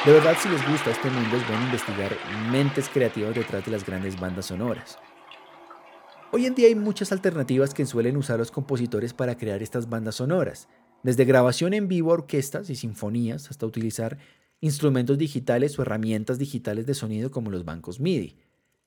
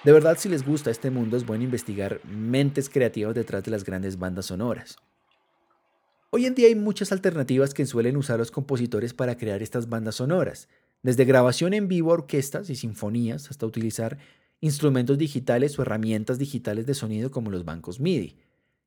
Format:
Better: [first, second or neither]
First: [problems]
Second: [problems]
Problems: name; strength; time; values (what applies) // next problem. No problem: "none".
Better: second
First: household noises; loud; throughout; 6 dB below the speech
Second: household noises; faint; throughout; 25 dB below the speech